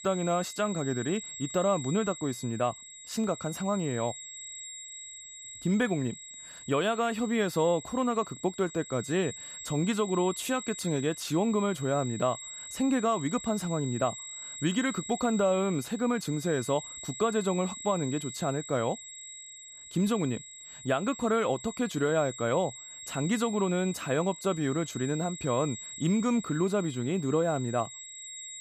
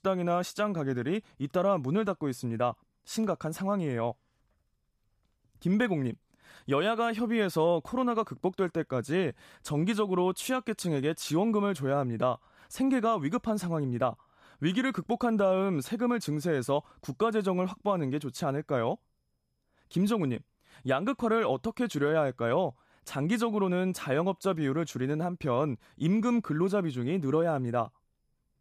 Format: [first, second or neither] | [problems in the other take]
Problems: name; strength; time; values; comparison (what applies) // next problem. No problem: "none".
second | high-pitched whine; noticeable; throughout; 7.5 kHz, 10 dB below the speech